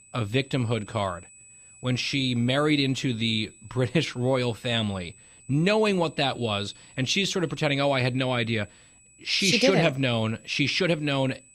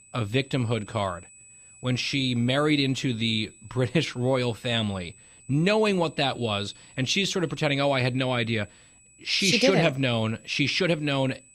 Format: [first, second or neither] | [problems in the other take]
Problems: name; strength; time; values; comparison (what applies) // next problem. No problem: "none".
neither | high-pitched whine; faint; throughout; 8 kHz, 25 dB below the speech; the same in both